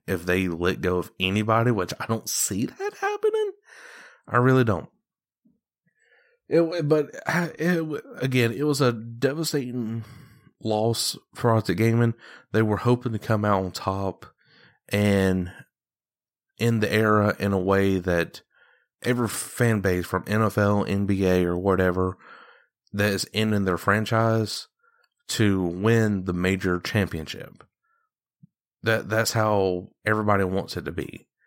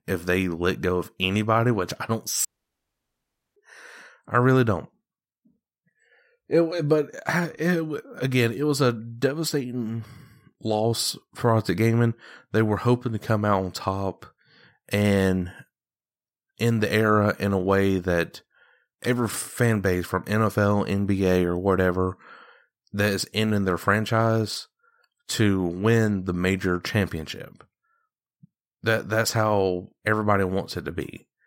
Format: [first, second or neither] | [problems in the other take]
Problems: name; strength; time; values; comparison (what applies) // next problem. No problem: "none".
first | audio cutting out; at 2.5 s for 1 s